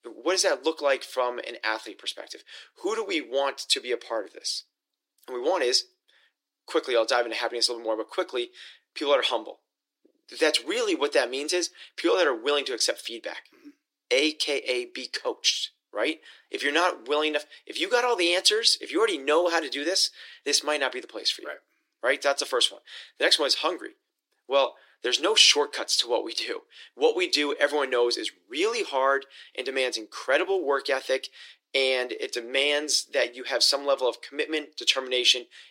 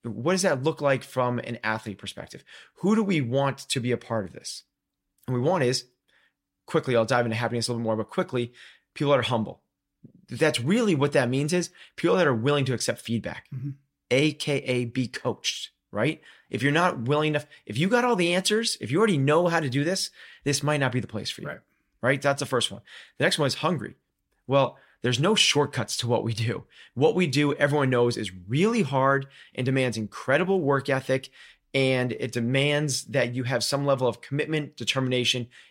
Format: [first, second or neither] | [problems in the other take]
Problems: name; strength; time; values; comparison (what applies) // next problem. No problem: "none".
second | thin; very; fading below 300 Hz